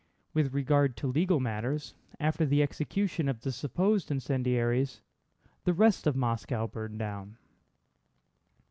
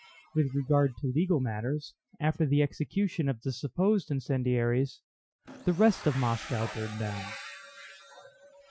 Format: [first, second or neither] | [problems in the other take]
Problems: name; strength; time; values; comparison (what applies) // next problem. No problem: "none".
first | noise reduction (classical method Wiener filter)